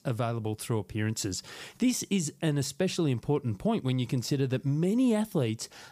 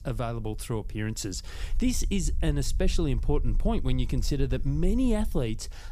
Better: first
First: none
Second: low rumble; faint; throughout; 25 dB below the speech

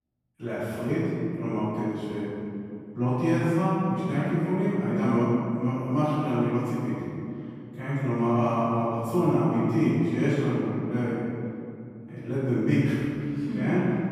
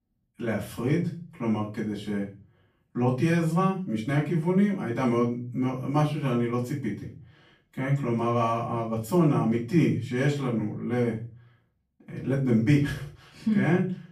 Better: second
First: room echo; strong; dies away in 2.6 s // off-mic speech; far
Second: room echo; slight; dies away in 0.4 s // off-mic speech; far

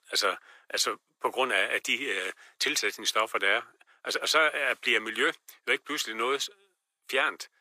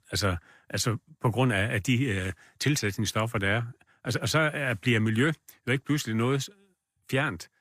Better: second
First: thin; very; fading below 400 Hz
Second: none

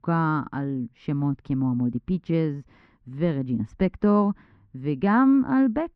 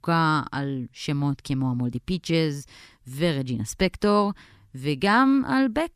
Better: second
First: muffled; very; fading above 1.5 kHz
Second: none

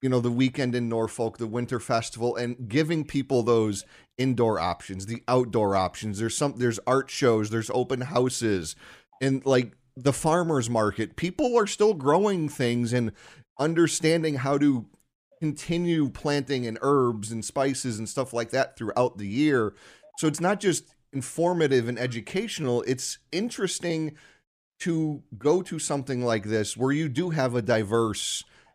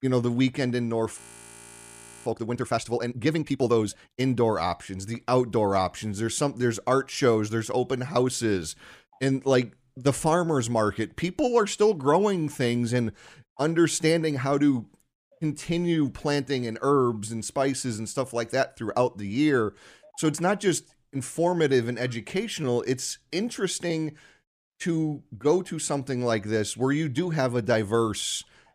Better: first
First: none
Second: audio freezing; at 1 s for 1 s

